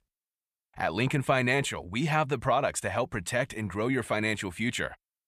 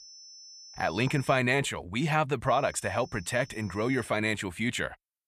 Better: first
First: none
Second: high-pitched whine; faint; until 1.5 s and from 2.5 to 4 s; 5.5 kHz, 20 dB below the speech

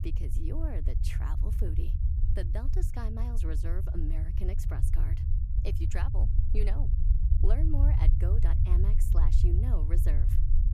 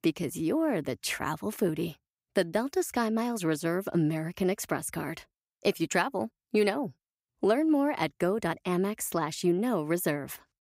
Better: second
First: low rumble; loud; throughout; 3 dB below the speech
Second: none

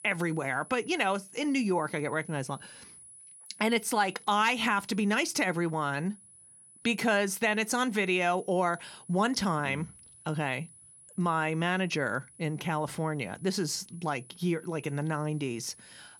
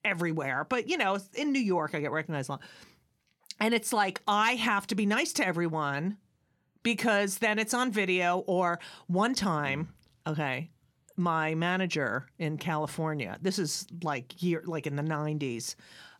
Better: second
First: high-pitched whine; faint; throughout; 10 kHz, 20 dB below the speech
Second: none

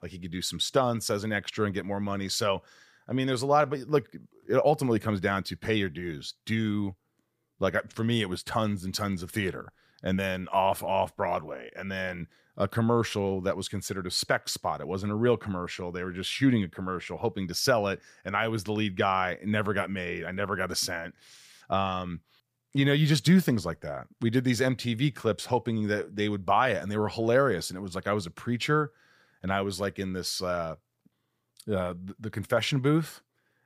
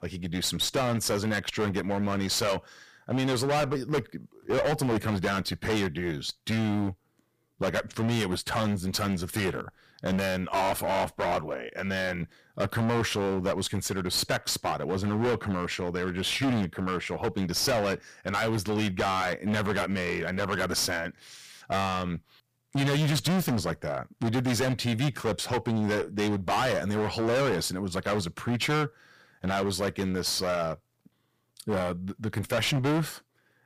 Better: first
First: none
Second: distortion; heavy; 20% of the sound clipped

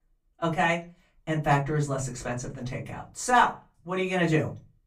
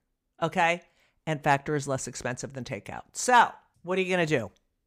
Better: second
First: off-mic speech; far // room echo; very slight; dies away in 0.3 s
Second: none

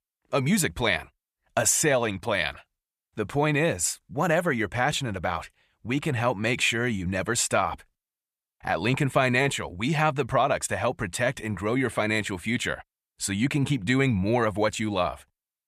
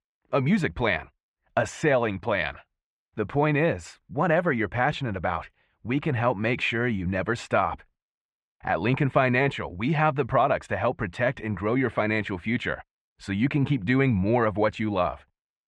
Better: first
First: none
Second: muffled; very; fading above 2.5 kHz

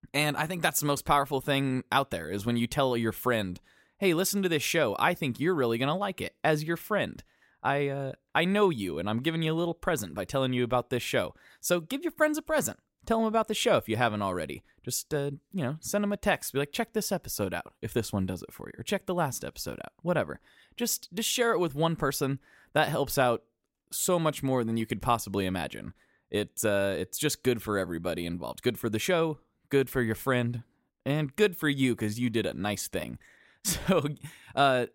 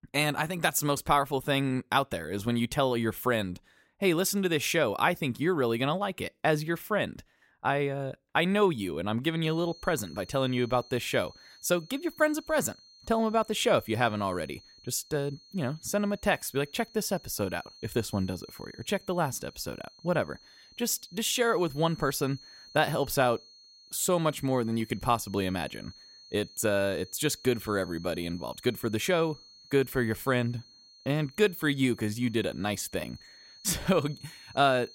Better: first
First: none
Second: high-pitched whine; faint; from 9.5 s on; 4.5 kHz, 20 dB below the speech

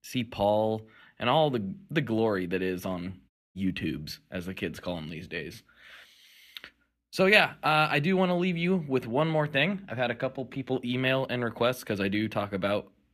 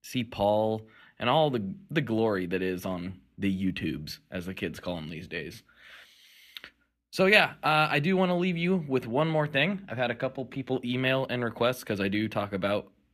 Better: second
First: audio cutting out; at 3.5 s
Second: none

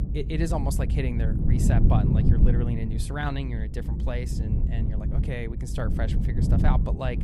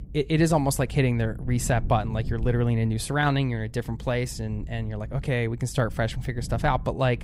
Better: second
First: low rumble; loud; throughout; 3 dB below the speech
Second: low rumble; faint; throughout; 25 dB below the speech

